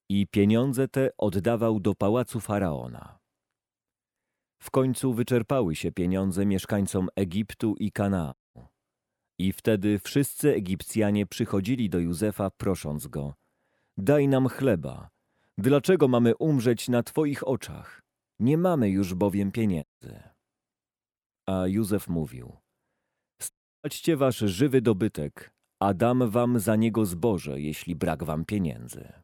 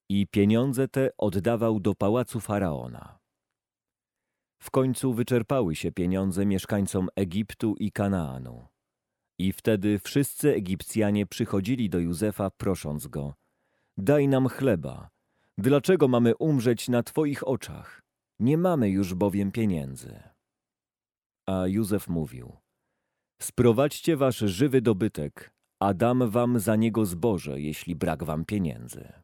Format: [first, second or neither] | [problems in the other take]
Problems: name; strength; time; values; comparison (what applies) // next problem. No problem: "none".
second | audio cutting out; at 8.5 s, at 20 s and at 24 s